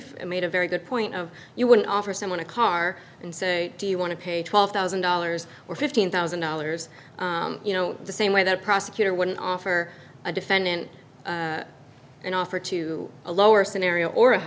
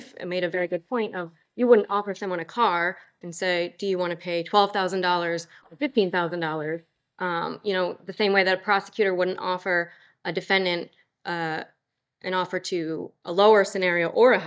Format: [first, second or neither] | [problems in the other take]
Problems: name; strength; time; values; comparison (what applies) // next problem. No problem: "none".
first | noise reduction (neural mask model DeepFilterNet 3)